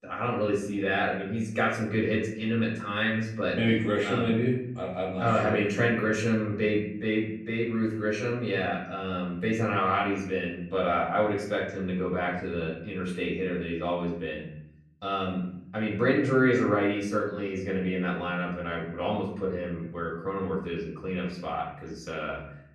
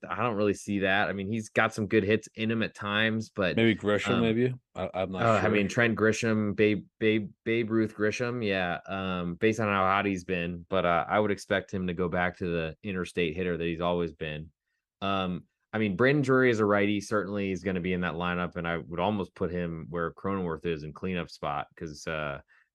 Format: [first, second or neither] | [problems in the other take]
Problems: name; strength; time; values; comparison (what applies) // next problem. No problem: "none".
second | off-mic speech; far // room echo; noticeable; dies away in 0.7 s